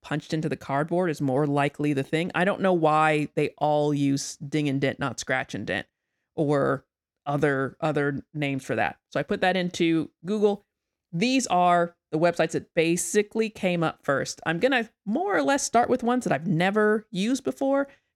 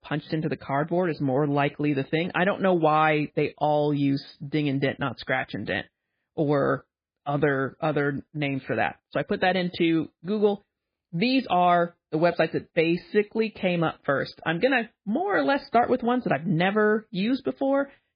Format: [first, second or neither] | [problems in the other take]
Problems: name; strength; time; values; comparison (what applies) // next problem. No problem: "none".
first | garbled, watery; badly; nothing above 4.5 kHz